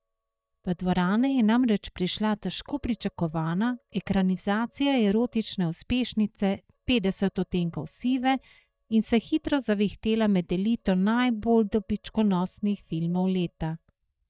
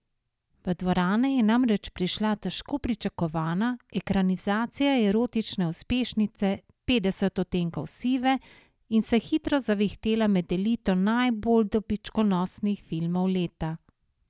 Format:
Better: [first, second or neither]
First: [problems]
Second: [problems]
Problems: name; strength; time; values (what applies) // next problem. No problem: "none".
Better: second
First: noise reduction (neural mask model DeepFilterNet 3)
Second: none